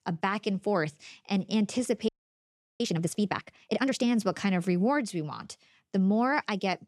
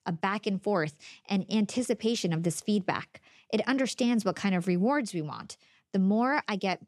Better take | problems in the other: second | audio freezing; at 2 s for 0.5 s

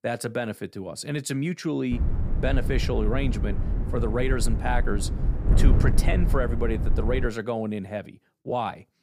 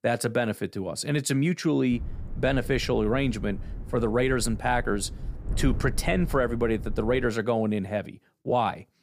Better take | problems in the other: second | wind noise on the microphone; heavy; from 2 to 7.5 s; 9 dB below the speech; occasional gusts in the second

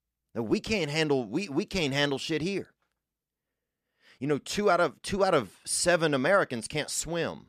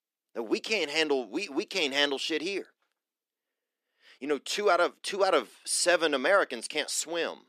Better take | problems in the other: first | thin; very slightly; fading below 300 Hz

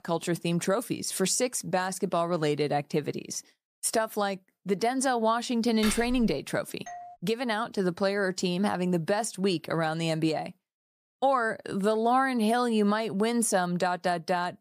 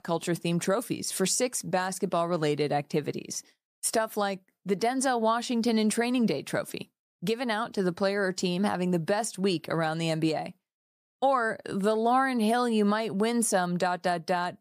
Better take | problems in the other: second | clattering dishes; noticeable; at 6 s; peak 6 dB below the speech // doorbell; faint; at 7 s; peak 15 dB below the speech

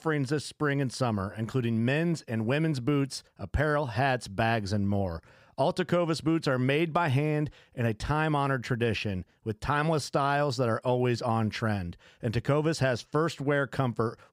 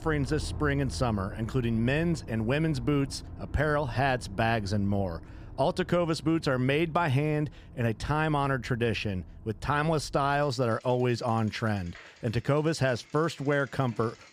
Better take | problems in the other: first | traffic noise; noticeable; throughout; 15 dB below the speech

